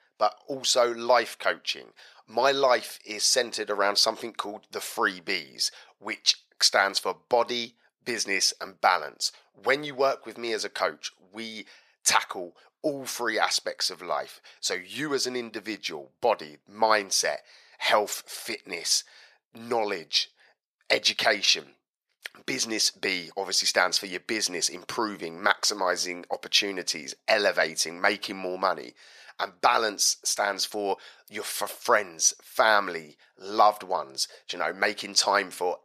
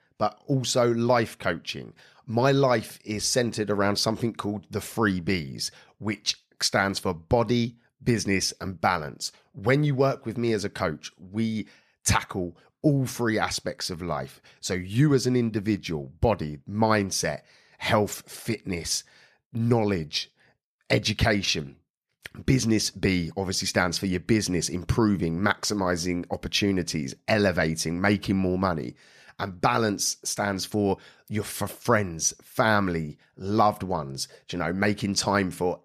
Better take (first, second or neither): second